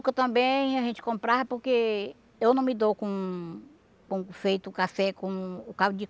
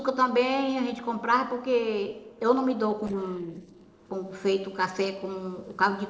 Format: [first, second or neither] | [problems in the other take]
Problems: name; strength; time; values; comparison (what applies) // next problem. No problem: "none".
first | noise reduction (neural separator model SepFormer DNS4)